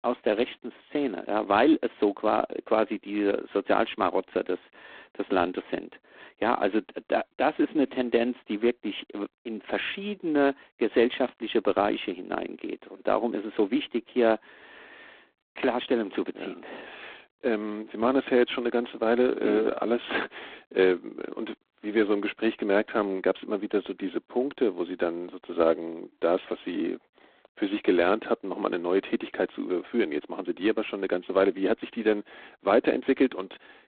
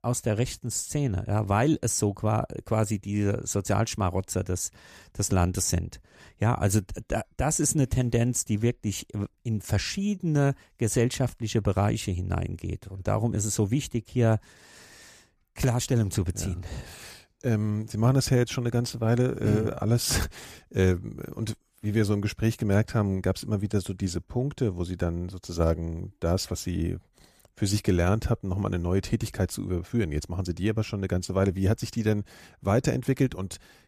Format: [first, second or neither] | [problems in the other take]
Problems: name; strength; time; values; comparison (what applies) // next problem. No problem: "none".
second | phone-call audio; poor line; nothing above 4 kHz